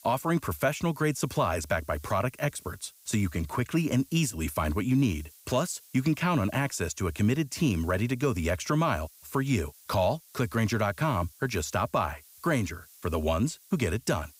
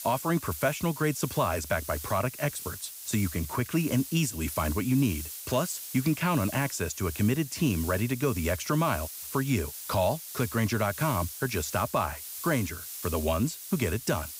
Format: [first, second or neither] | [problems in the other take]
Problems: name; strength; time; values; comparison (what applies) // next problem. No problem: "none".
first | hiss; loud; throughout; 9 dB below the speech; faint in the first